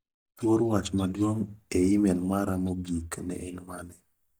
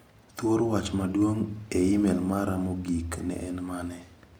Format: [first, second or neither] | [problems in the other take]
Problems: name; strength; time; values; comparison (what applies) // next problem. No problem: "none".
second | noise reduction (neural mask model DeepFilterNet 3)